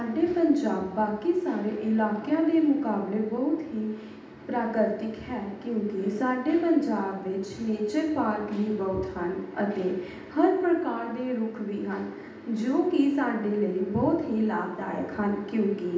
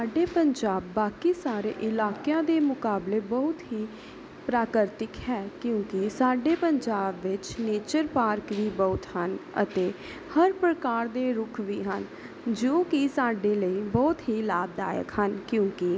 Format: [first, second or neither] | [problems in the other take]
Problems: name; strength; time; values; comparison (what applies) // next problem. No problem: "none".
second | room echo; dies away in 0.8 s